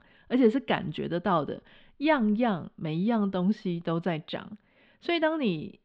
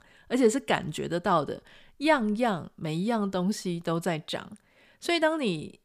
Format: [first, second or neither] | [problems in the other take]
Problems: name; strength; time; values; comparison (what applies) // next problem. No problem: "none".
second | muffled; slightly; fading above 3.5 kHz